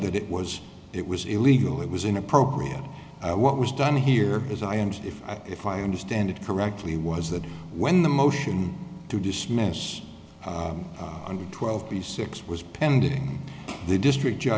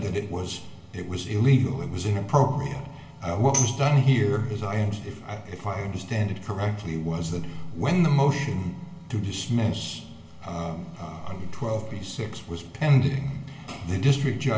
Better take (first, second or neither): first